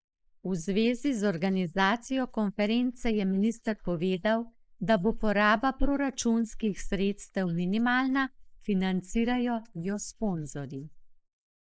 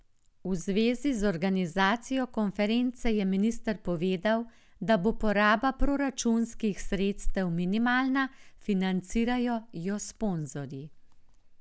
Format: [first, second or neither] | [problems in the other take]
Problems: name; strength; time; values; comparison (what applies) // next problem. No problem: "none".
second | noise reduction (neural mask model Resemble Enhance denoiser)